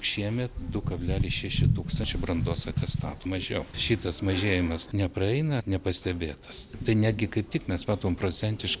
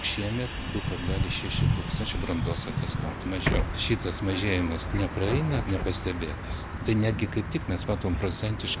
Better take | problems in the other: first | background sound (Bus); 4 dB below the speech

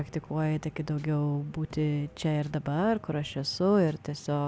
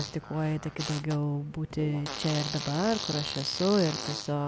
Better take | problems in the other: first | background sound (Fart); 8 dB below the speech

